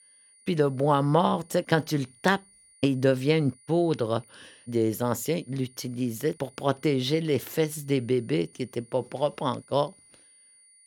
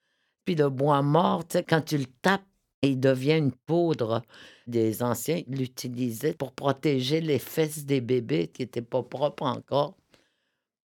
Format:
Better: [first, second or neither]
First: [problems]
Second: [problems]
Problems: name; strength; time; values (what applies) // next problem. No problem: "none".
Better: second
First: high-pitched whine; faint; throughout; 9.5 kHz, 30 dB below the speech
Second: none